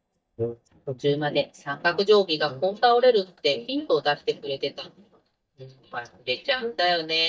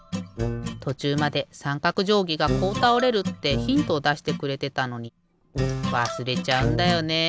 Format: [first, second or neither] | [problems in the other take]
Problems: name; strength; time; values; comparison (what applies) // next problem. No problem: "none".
second | noise reduction (neural mask model DeepFilterNet 3)